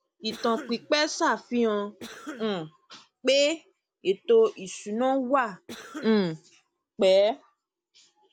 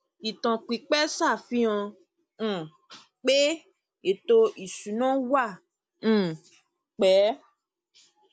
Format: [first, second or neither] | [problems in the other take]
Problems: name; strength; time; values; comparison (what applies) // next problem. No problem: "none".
second | background sound (Cough); 18 dB below the speech